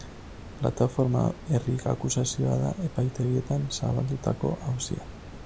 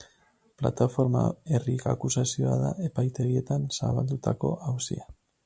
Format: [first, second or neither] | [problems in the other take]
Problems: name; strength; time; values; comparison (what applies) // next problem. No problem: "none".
second | background sound (Water); 14 dB below the speech